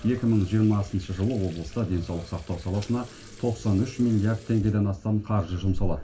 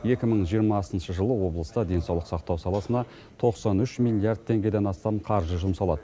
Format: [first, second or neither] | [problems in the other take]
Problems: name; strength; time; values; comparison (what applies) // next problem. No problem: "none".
second | background sound (Sink (filling or washing) / Water tap, faucet); 12 dB below the speech // room echo; dies away in 0.2 s